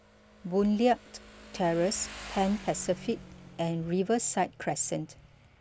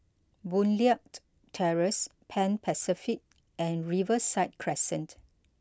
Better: second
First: background sound (Motorcycle); 17 dB below the speech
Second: none

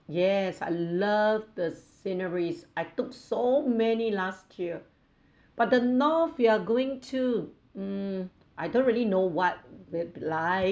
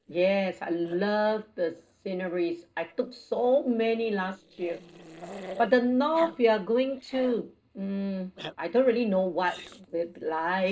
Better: first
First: none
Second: noise reduction (neural separator model SepFormer DNS4)

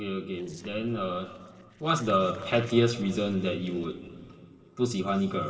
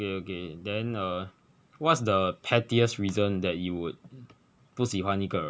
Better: second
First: noise reduction (neural separator model SepFormer DNS4)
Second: none

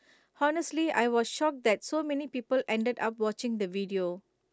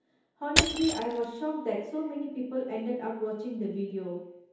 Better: first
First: none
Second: background sound (Crushing); 2 dB above the speech // room echo; dies away in 2.2 s

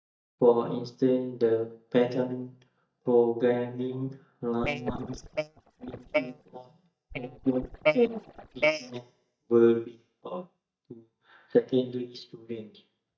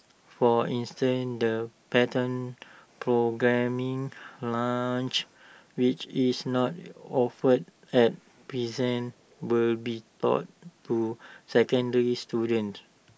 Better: second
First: noise reduction (neural mask model DeepFilterNet 3)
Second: none

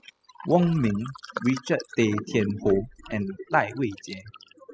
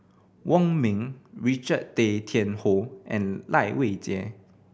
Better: second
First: noise reduction (classical method spectral subtraction)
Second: none

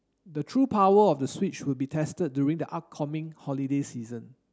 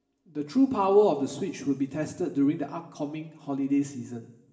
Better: first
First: none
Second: room echo; dies away in 0.8 s

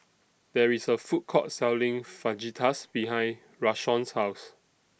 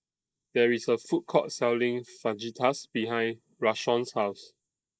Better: first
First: none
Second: noise reduction (neural mask model Resemble Enhance denoiser)

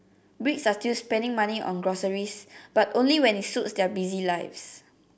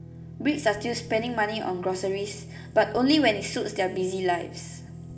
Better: first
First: none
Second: background sound (Guitar); 14 dB below the speech // room echo; dies away in 2.6 s

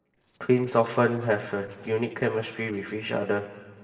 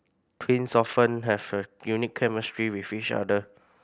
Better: second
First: noise reduction (neural separator model SepFormer DNS4)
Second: none

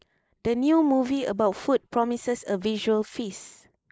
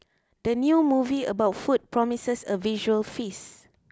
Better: second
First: noise reduction (neural mask model Resemble Enhance denoiser)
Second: none

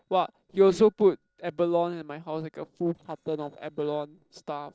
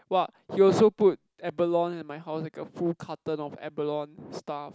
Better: second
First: noise reduction (neural separator model SepFormer DNS4)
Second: none

